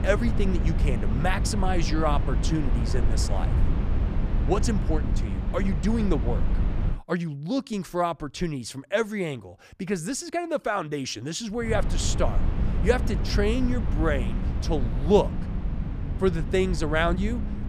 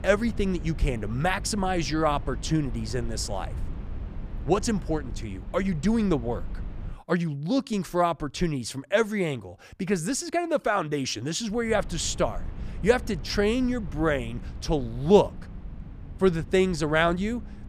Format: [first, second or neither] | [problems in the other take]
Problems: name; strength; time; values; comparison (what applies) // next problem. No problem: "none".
second | low rumble; loud; until 7 s and from 12 s on; 10 dB below the speech; faint in the second